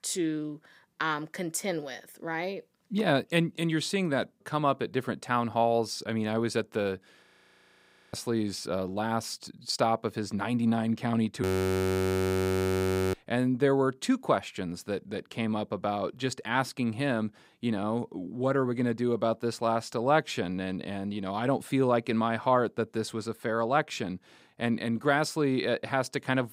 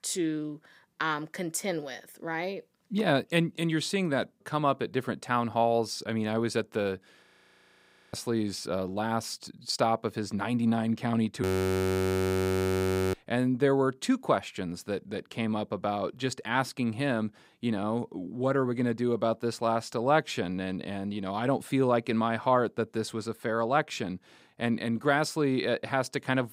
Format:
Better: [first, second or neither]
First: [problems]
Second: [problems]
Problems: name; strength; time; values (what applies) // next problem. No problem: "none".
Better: neither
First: audio freezing; at 7 s for 1 s and at 11 s for 1.5 s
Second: audio freezing; at 7 s for 1 s and at 11 s for 1.5 s